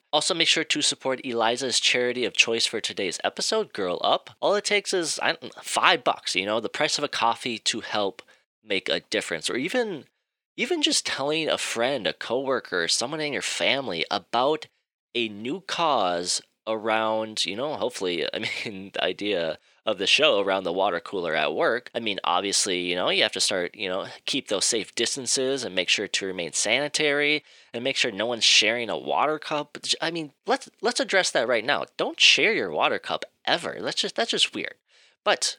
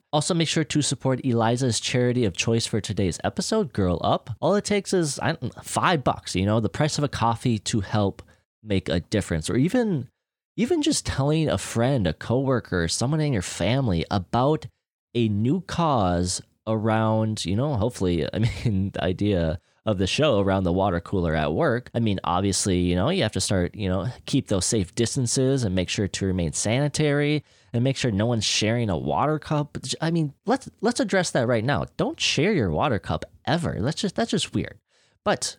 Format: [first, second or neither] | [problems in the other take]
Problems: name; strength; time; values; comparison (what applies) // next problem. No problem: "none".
second | thin; somewhat; fading below 450 Hz